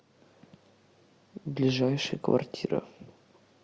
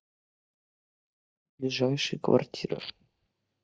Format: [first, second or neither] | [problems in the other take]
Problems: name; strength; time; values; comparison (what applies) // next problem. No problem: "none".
first | noise reduction (neural mask model DeepFilterNet 3)